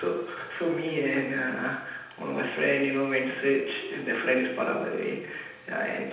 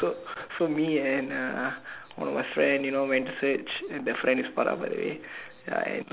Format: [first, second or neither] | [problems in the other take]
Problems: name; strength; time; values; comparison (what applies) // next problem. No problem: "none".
second | room echo; dies away in 0.9 s